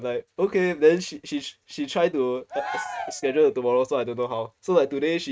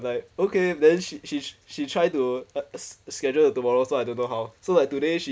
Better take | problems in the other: second | noise reduction (neural mask model RNNoise)

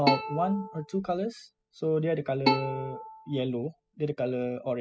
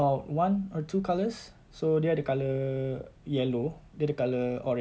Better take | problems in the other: second | noise reduction (classical method spectral subtraction)

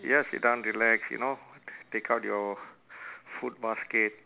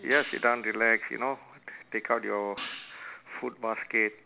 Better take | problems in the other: first | background sound (Hi-hat); 16 dB below the speech

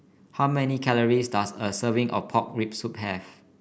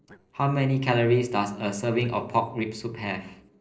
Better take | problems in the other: first | noise reduction (neural separator model SepFormer DNS4)

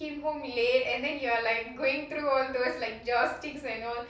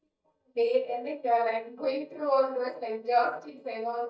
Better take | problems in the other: first | noise reduction (neural mask model DeepFilterNet 3)

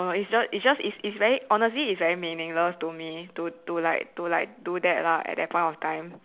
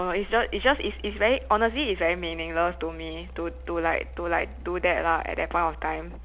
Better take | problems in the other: first | background sound (Mechanical fan); 13 dB below the speech

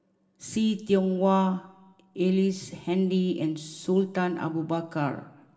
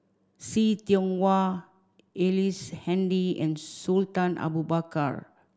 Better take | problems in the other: second | room echo; dies away in 0.9 s

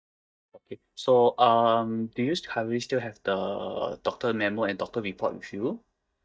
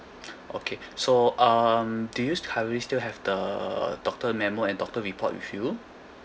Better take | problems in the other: second | noise reduction (neural mask model DeepFilterNet 3)

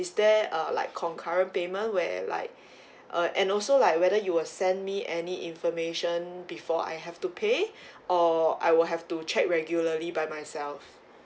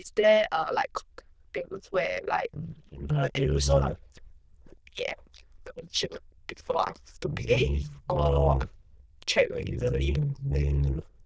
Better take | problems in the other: first | noise reduction (neural diffusion model UNIVERSE++)

